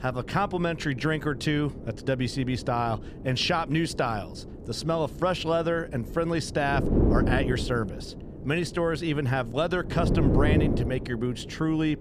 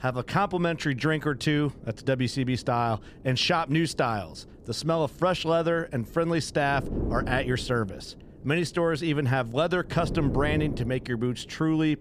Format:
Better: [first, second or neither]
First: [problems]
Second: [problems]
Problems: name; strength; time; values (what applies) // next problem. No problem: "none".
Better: second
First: wind noise on the microphone; heavy; 9 dB below the speech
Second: wind noise on the microphone; occasional gusts; 20 dB below the speech